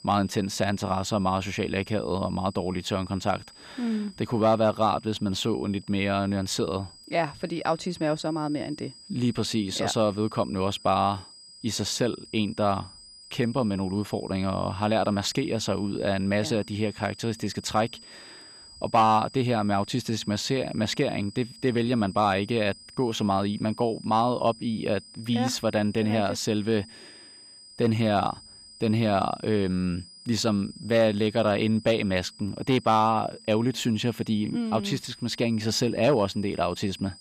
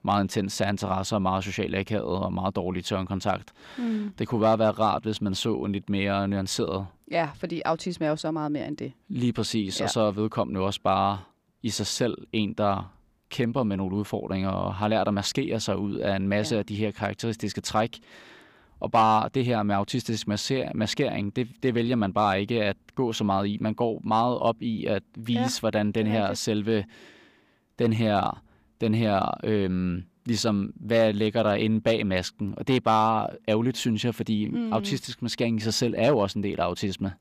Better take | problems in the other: second | high-pitched whine; noticeable; throughout; 5 kHz, 20 dB below the speech

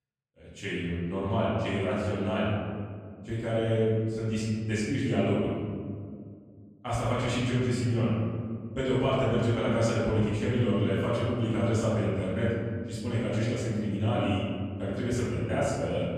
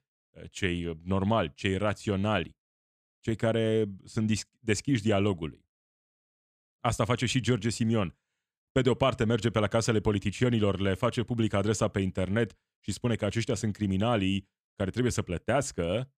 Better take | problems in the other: second | room echo; strong; dies away in 2.1 s // off-mic speech; far

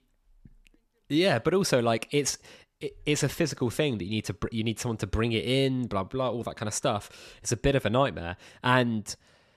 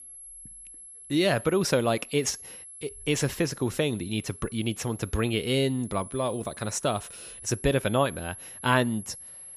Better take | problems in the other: first | high-pitched whine; noticeable; throughout; 11 kHz, 15 dB below the speech

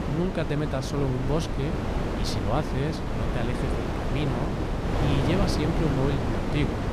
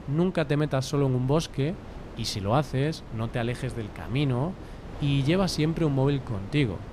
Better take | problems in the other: second | wind noise on the microphone; heavy; 1 dB above the speech; occasional gusts in the second

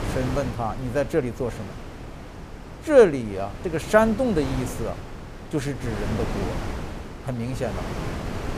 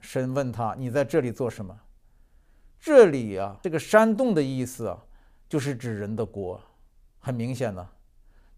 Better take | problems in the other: second | wind noise on the microphone; occasional gusts; 10 dB below the speech

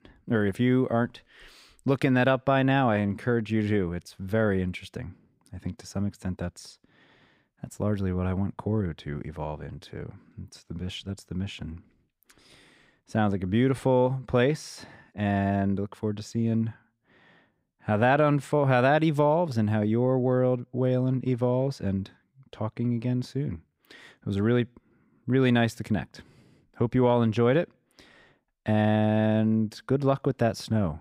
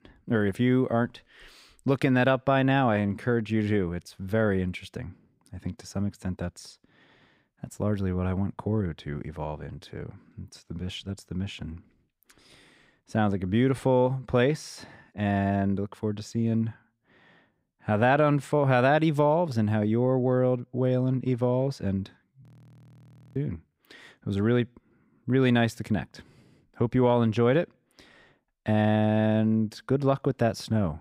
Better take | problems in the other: first | audio freezing; at 22 s for 1 s

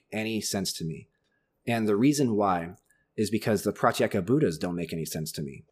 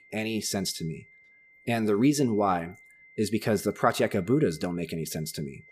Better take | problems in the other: first | high-pitched whine; faint; throughout; 2 kHz, 25 dB below the speech

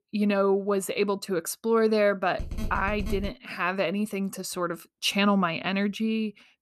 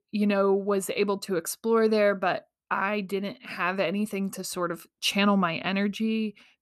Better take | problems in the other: second | phone ringing; noticeable; at 2.5 s; peak 9 dB below the speech

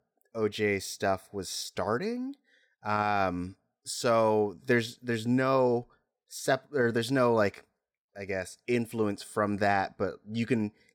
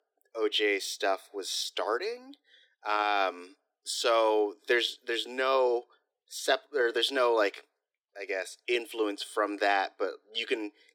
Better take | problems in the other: first | thin; very; fading below 300 Hz

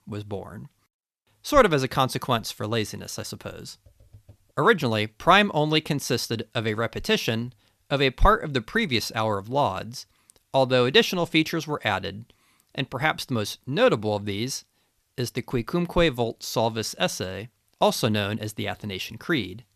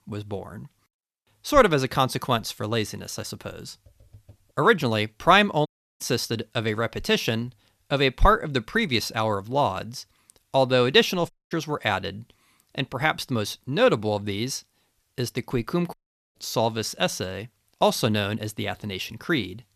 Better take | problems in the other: first | audio cutting out; at 5.5 s, at 11 s and at 16 s

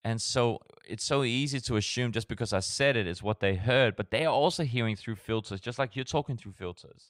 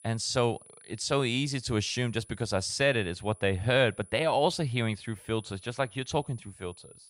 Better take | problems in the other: first | high-pitched whine; faint; throughout; 10 kHz, 25 dB below the speech

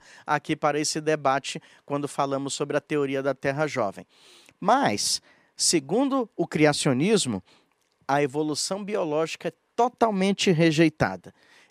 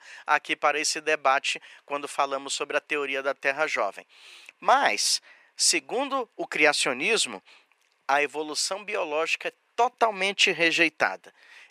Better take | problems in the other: first | thin; very; fading below 550 Hz

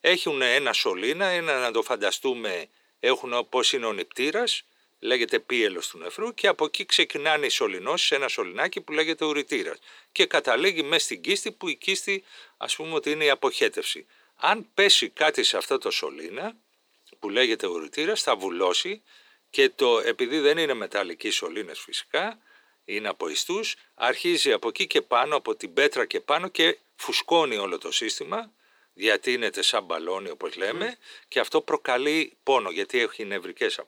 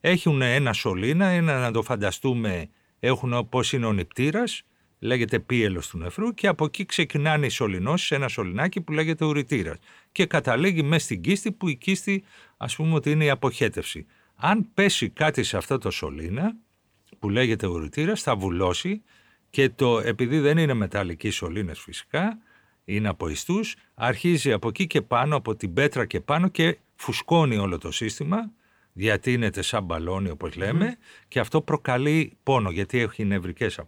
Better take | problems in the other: second | thin; very; fading below 350 Hz

